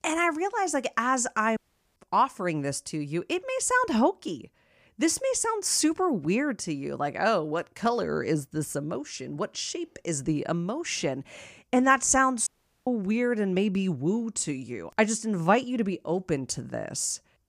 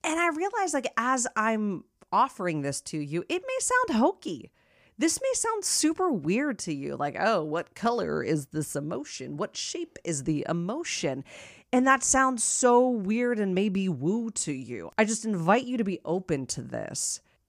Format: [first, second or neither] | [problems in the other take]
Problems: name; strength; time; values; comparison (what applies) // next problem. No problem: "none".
second | audio cutting out; at 1.5 s and at 12 s